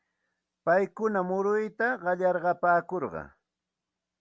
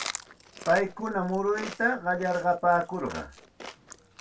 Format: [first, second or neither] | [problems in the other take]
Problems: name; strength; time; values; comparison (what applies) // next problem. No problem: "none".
first | background sound (Chewing, mastication); 14 dB below the speech // room echo; dies away in 0.1 s